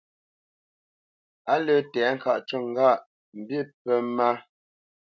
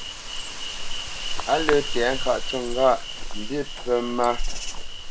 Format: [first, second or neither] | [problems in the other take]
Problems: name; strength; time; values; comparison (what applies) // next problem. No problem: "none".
first | background sound (Insect); 1 dB below the speech